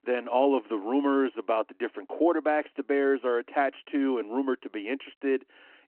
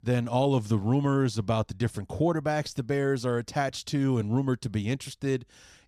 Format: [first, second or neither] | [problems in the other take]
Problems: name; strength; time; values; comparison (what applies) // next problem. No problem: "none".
second | phone-call audio